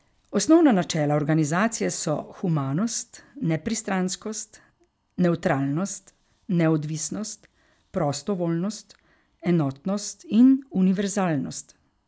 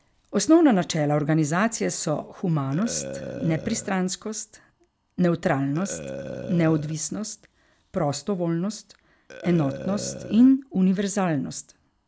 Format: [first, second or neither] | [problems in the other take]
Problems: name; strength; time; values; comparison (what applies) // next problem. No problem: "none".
first | background sound (Burping, eructation); 14 dB below the speech